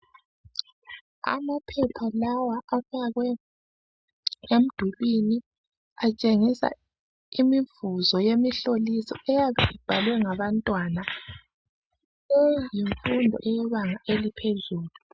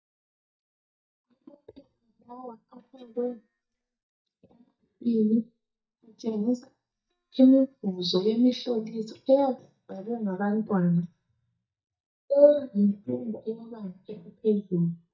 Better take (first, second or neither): first